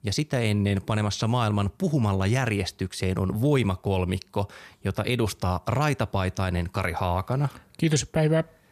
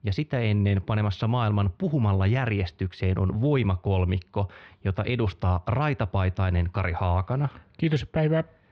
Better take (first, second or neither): first